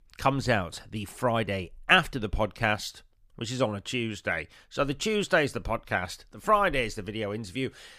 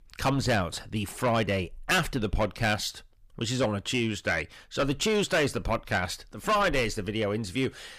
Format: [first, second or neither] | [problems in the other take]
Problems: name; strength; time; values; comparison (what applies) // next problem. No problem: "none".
first | distortion; heavy; 6 dB below the speech